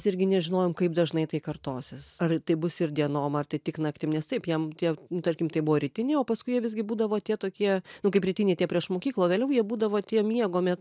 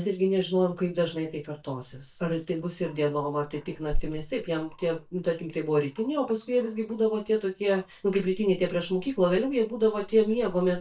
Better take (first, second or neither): first